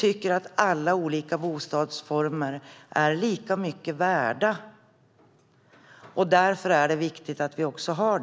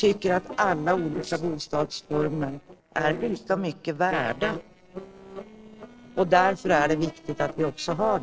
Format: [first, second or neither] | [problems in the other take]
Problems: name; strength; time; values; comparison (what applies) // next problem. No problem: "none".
first | noise reduction (neural separator model SepFormer DNS4)